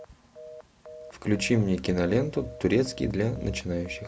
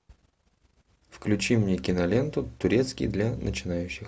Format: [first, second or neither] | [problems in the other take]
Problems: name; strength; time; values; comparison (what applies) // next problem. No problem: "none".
second | background sound (Telephone); 18 dB below the speech